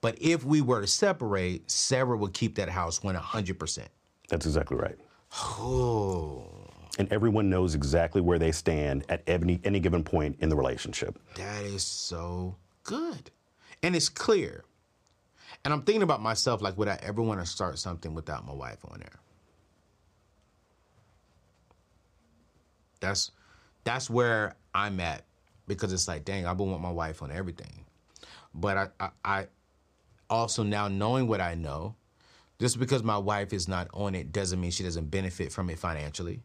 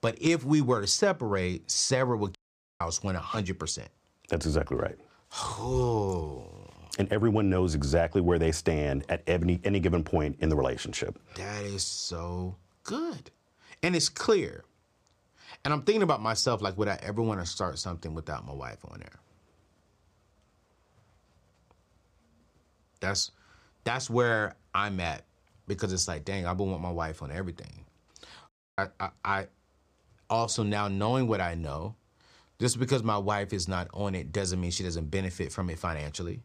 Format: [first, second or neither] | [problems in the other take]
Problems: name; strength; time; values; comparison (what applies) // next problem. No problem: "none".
first | audio cutting out; at 2.5 s and at 28 s